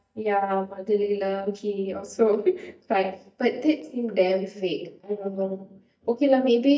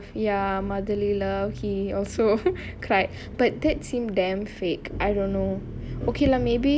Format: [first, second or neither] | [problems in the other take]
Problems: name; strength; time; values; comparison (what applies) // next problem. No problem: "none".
second | noise reduction (neural mask model DeepFilterNet 3)